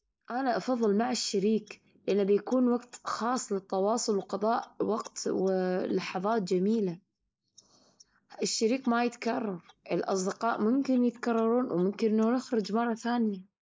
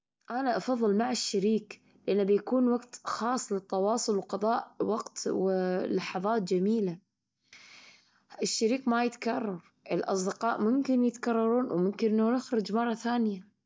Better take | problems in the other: second | noise reduction (neural mask model Resemble Enhance denoiser)

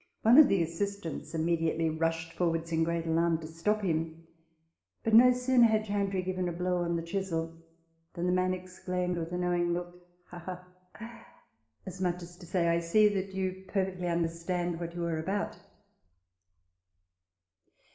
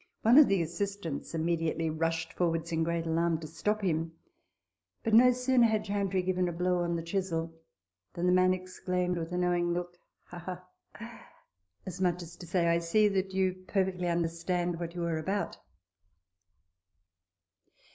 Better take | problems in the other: second | room echo; dies away in 0.7 s

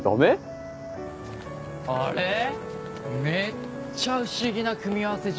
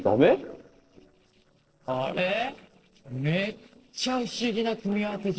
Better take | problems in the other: first | noise reduction (neural separator model SepFormer DNS4)

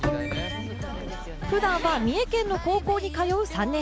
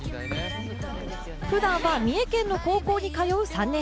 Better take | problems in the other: second | background sound (Bowed string instrument); 9 dB below the speech

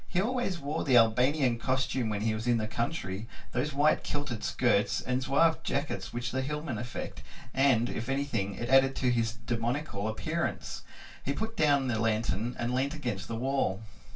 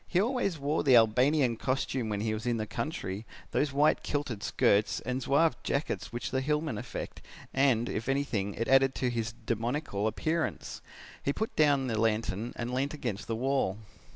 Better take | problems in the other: second | room echo; dies away in 0.2 s

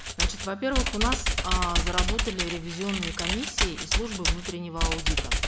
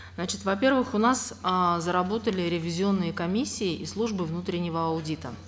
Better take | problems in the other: second | background sound (Computer keyboard); 5 dB above the speech

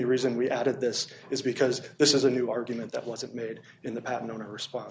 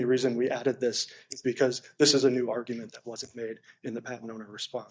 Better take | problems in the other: first | noise reduction (neural mask model DeepFilterNet 3)

